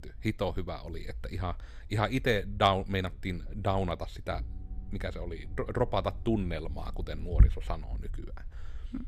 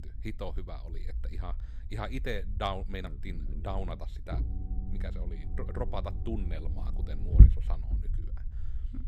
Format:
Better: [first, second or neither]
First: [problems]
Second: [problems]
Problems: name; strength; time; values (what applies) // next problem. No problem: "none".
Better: first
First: low rumble; faint; throughout; 20 dB below the speech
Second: low rumble; loud; throughout; 7 dB below the speech